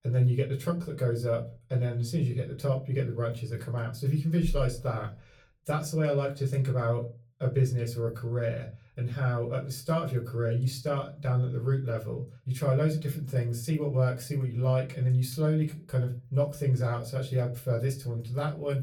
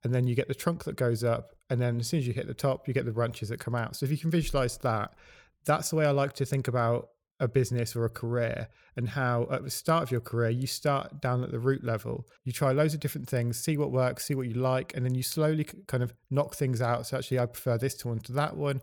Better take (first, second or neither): second